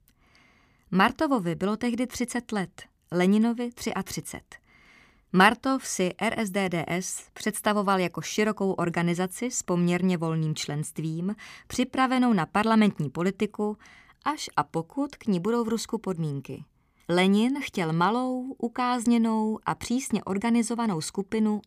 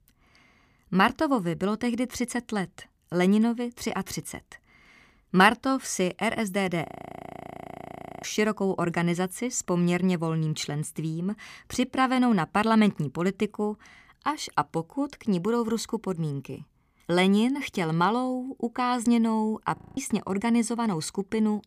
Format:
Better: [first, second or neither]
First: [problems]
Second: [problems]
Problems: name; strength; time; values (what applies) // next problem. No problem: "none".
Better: first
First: none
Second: audio freezing; at 7 s for 1.5 s and at 20 s